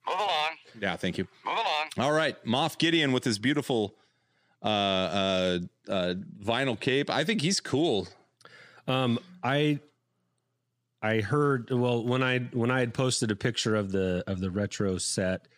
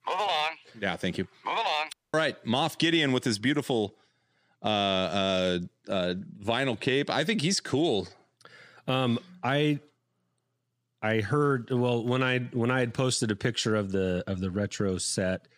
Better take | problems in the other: first | audio cutting out; at 2 s

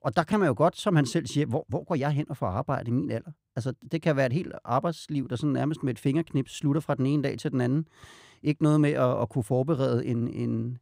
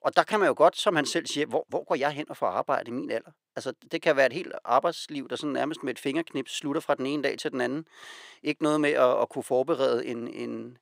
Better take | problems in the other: first | thin; somewhat; fading below 450 Hz

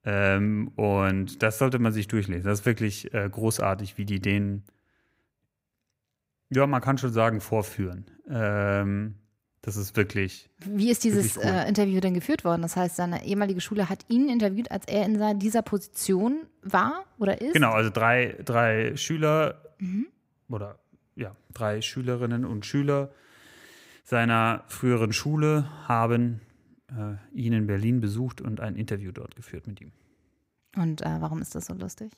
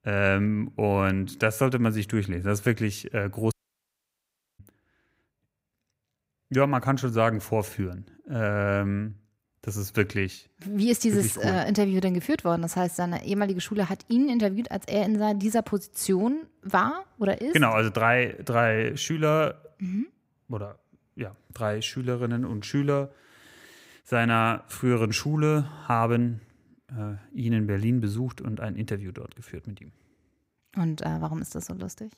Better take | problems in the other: first | audio cutting out; at 3.5 s for 1 s

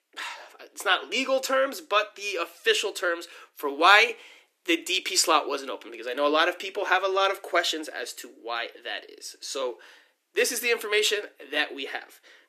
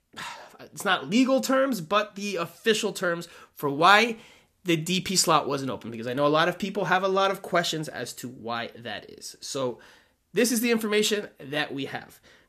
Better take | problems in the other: second | thin; somewhat; fading below 300 Hz

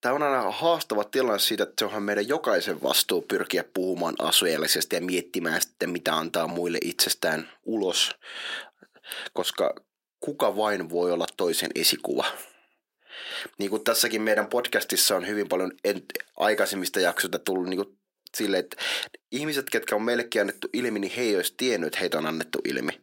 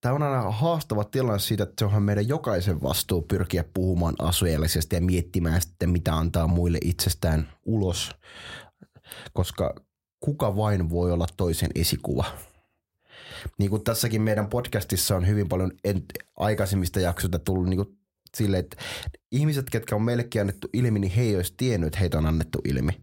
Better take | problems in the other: second | thin; somewhat; fading below 300 Hz

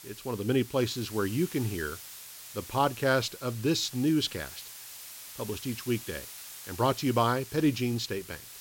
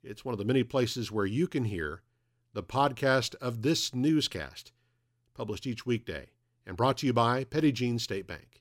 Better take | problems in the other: second | hiss; noticeable; throughout; 15 dB below the speech

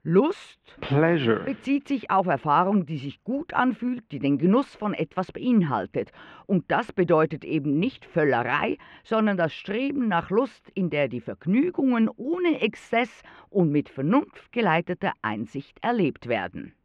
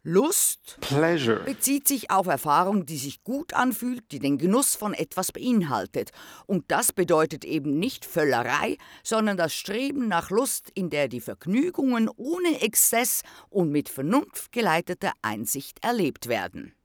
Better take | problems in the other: second | muffled; very; fading above 3 kHz

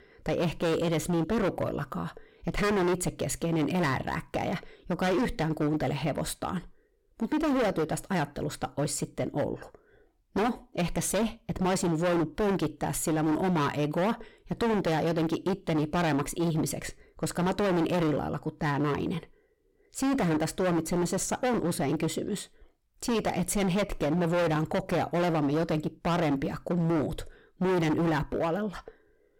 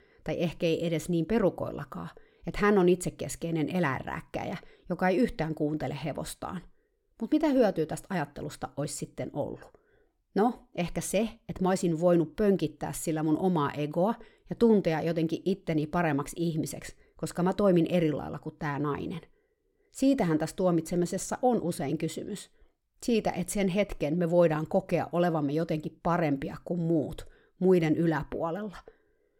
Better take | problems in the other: second | distortion; heavy; 20% of the sound clipped

